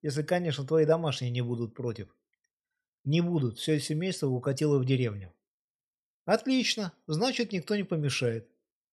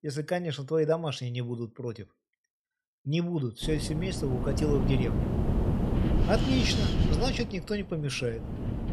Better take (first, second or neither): first